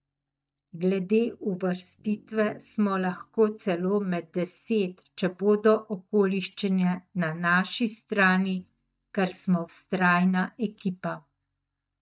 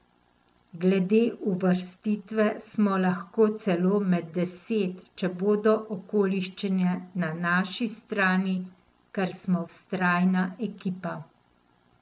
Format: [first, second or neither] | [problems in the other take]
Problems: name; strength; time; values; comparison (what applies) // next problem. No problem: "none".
second | noise reduction (neural mask model DeepFilterNet 3)